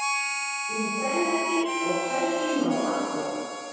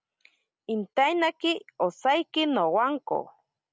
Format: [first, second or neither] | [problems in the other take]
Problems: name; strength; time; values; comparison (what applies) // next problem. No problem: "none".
second | background sound (Harmonica); 1 dB below the speech // room echo; dies away in 2 s